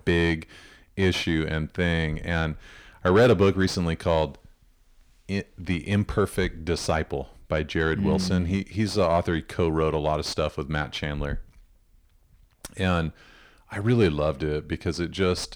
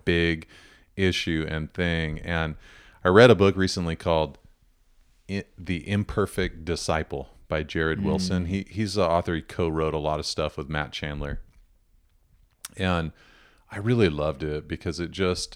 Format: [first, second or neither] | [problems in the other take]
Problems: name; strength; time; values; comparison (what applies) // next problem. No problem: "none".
second | distortion; slight; 10 dB below the speech